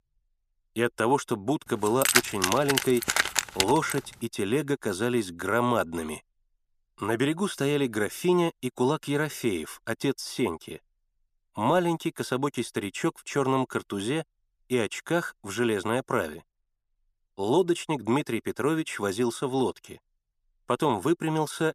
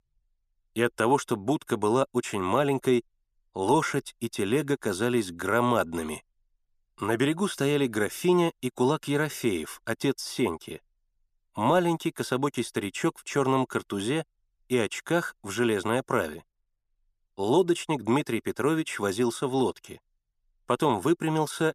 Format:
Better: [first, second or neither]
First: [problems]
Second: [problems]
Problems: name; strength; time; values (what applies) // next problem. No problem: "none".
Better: second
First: jangling keys; loud; from 2 to 4 s; peak 5 dB above the speech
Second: none